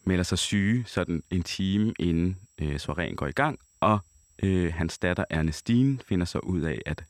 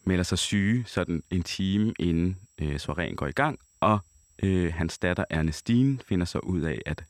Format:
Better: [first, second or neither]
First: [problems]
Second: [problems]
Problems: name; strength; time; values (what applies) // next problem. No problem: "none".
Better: neither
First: high-pitched whine; faint; throughout; 7.5 kHz, 35 dB below the speech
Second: high-pitched whine; faint; throughout; 7.5 kHz, 35 dB below the speech